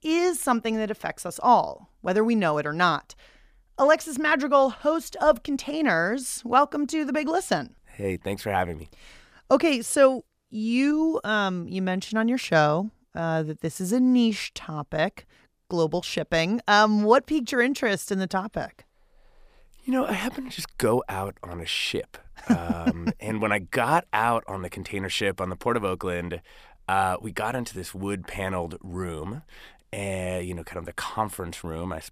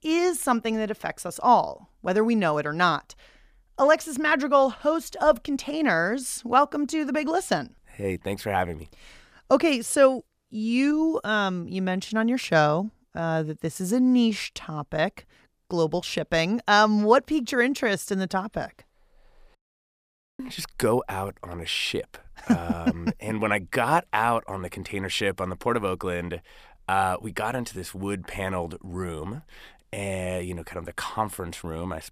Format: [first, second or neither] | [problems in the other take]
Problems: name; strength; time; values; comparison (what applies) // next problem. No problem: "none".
first | audio cutting out; at 20 s for 1 s